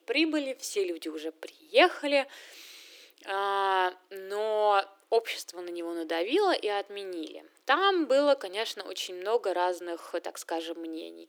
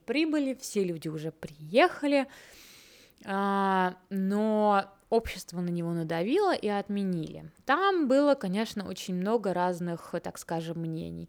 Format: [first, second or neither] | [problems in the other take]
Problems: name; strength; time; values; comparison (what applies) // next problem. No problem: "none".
second | thin; somewhat; fading below 300 Hz